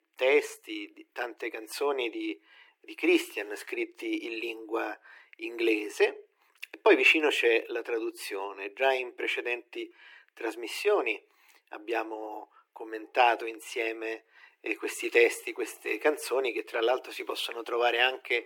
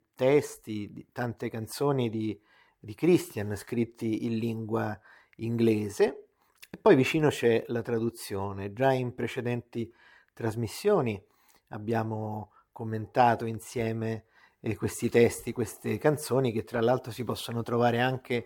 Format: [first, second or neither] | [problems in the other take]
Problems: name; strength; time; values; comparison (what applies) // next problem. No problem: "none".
second | thin; very; fading below 300 Hz